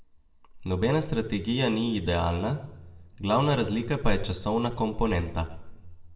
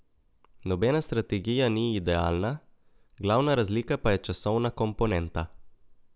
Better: second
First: room echo; dies away in 0.7 s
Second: none

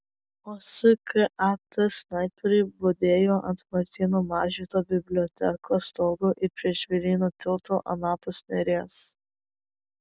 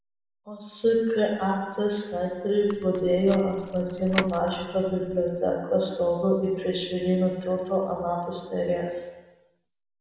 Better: first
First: none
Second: background sound (Door / Car); 12 dB below the speech // room echo; dies away in 1.2 s

